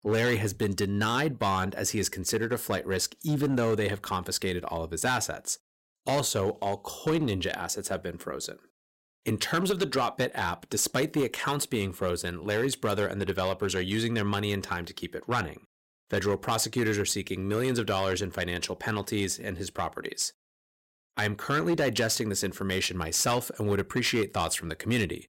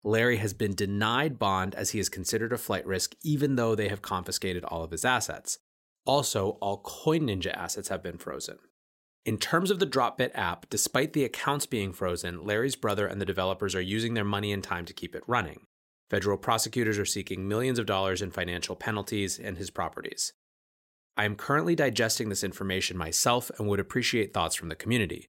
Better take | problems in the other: second | distortion; slight; 5% of the sound clipped

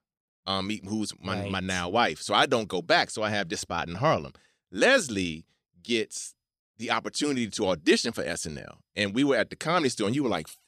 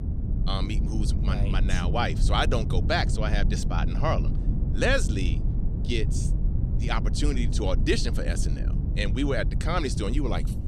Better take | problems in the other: first | low rumble; noticeable; throughout; 10 dB below the speech

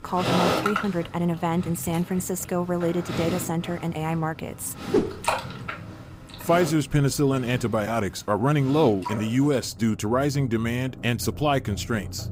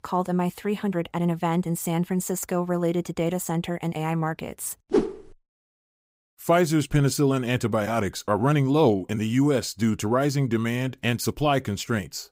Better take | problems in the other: second | animal sounds; loud; throughout; 8 dB below the speech

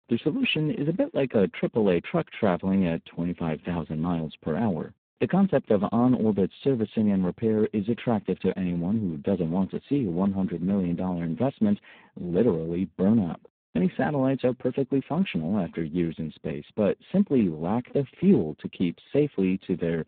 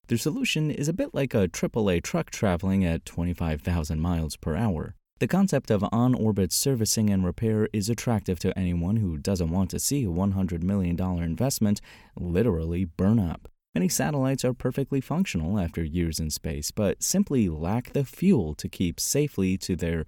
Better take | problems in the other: second | phone-call audio; poor line

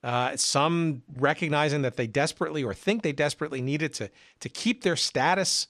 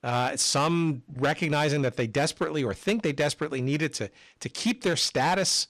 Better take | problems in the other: first | distortion; slight; 8% of the sound clipped

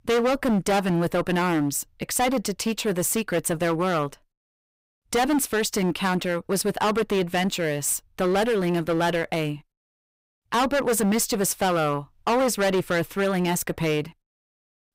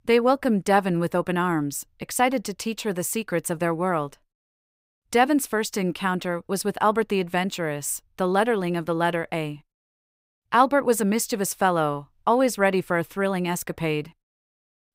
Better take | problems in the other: second | distortion; heavy; 15% of the sound clipped

